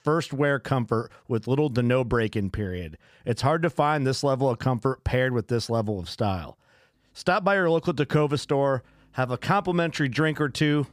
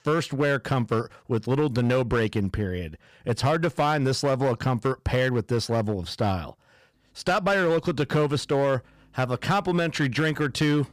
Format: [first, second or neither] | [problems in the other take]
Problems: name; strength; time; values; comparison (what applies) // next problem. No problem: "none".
first | distortion; slight; 8% of the sound clipped